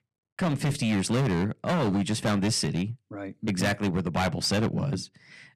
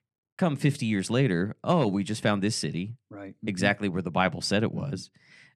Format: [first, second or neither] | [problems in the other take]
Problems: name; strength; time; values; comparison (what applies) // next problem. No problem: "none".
second | distortion; heavy; 15% of the sound clipped